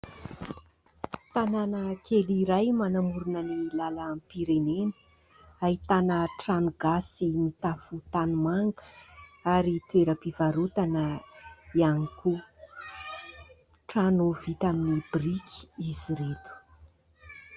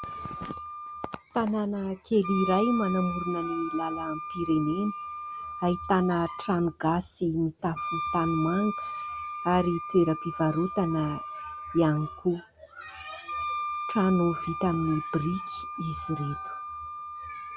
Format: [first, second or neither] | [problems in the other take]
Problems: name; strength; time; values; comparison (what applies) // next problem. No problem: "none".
first | background sound (Wind instrument, woodwind instrument); 8 dB below the speech